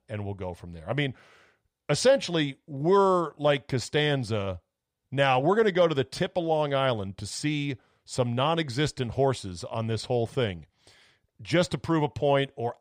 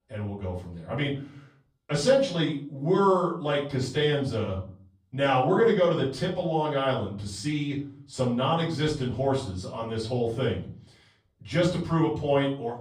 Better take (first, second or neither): first